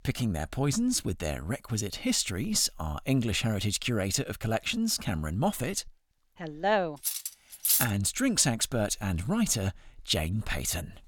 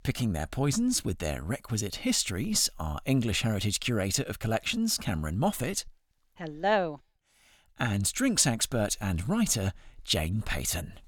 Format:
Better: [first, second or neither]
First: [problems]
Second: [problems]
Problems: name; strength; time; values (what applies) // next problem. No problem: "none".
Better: second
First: clattering dishes; loud; at 7 s; peak 5 dB above the speech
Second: none